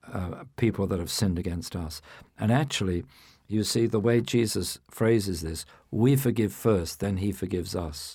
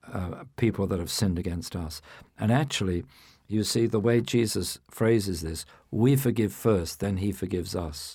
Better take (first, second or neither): neither